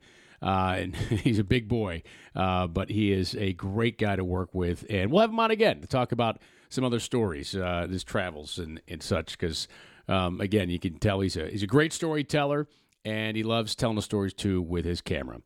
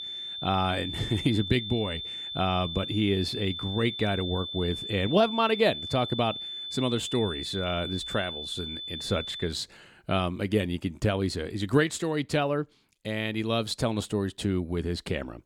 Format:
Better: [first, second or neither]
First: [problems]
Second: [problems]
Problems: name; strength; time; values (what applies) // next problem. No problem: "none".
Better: first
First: none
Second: high-pitched whine; loud; until 9.5 s; 3.5 kHz, 6 dB below the speech